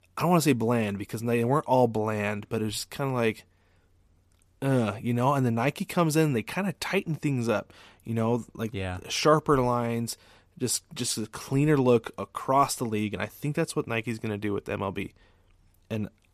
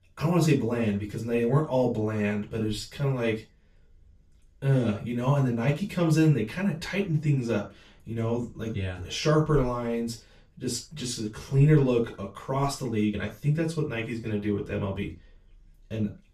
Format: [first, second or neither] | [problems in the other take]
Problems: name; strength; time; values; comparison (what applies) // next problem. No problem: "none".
first | room echo; slight; dies away in 0.2 s // off-mic speech; far